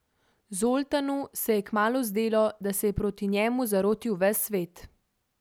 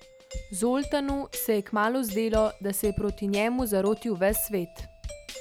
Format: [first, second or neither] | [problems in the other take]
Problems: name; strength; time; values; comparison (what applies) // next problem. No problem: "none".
first | background sound (Doorbell + Drum / Drum kit); 14 dB below the speech